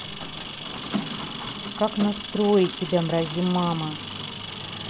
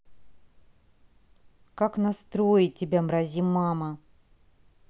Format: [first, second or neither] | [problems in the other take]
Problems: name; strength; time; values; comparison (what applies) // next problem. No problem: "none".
second | background sound (Engine); 7 dB below the speech